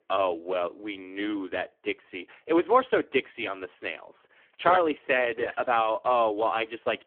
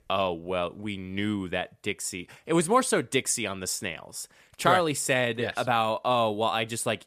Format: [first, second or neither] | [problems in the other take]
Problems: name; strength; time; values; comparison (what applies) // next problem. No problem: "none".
second | phone-call audio; poor line